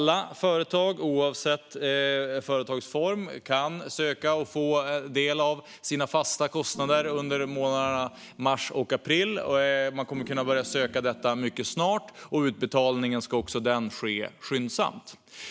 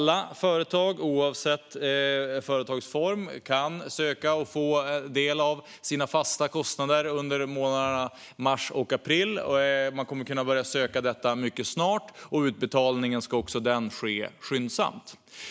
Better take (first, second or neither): second